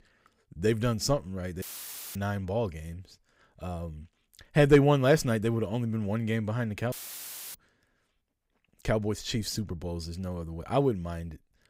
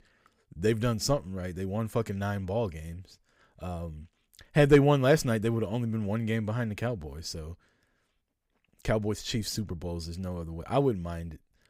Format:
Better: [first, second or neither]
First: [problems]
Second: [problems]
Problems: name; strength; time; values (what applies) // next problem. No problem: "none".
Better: second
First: audio cutting out; filled with static; at 1.5 s for 0.5 s and at 7 s for 0.5 s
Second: none